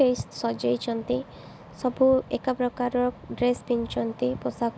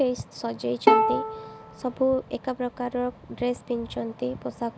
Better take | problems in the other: first | background sound (Bowed string instrument); 2 dB above the speech

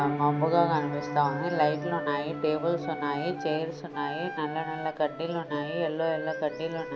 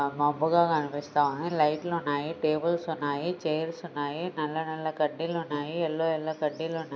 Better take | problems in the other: second | background sound (Wind instrument, woodwind instrument + Piano); 5 dB below the speech

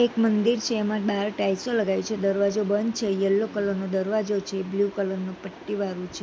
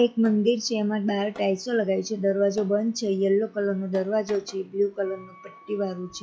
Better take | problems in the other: first | noise reduction (classical method log-MMSE)

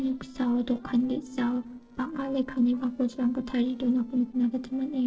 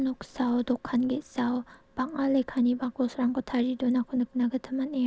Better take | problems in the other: second | noise reduction (neural separator model SepFormer DNS4)

